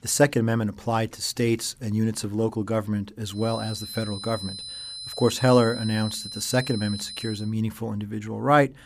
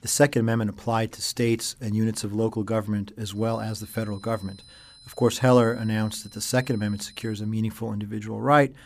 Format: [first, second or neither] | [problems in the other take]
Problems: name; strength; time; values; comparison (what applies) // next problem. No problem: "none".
second | high-pitched whine; loud; from 3.5 to 7.5 s; 4 kHz, 9 dB below the speech; faint in the second